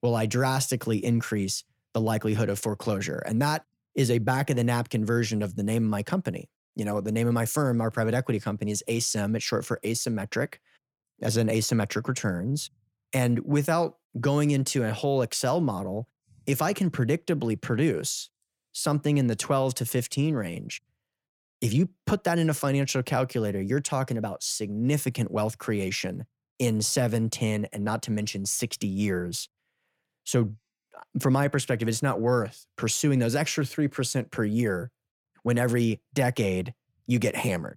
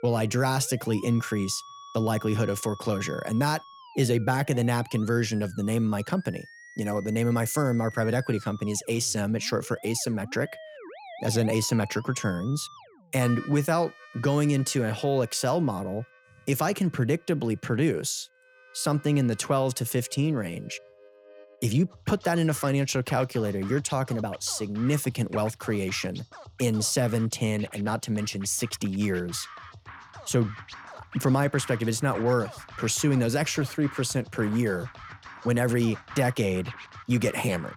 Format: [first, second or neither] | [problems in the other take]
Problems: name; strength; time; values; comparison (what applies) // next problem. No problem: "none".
first | background music; noticeable; throughout; 20 dB below the speech